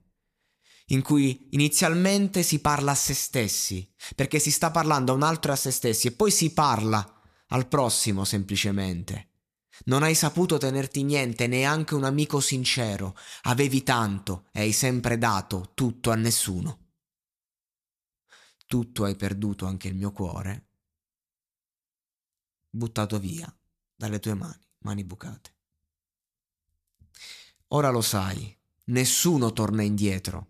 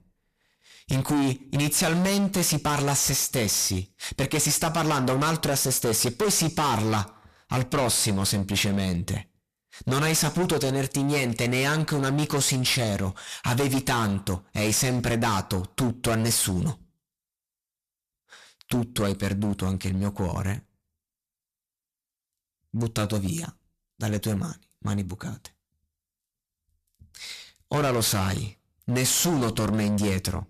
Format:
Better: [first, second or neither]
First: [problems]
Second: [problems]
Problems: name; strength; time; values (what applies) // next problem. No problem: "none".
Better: first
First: none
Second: distortion; heavy; 17% of the sound clipped